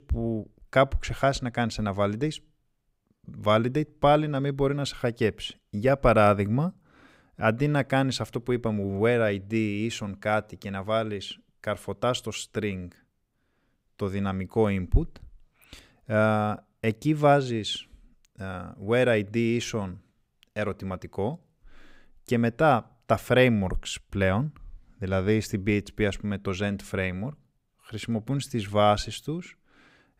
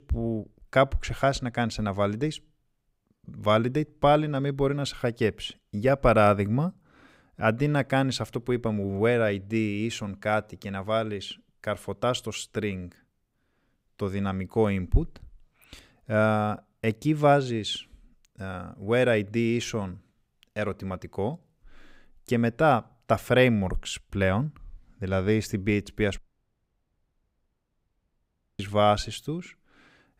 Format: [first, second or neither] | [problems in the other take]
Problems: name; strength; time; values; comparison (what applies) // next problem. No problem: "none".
first | audio cutting out; at 26 s for 2.5 s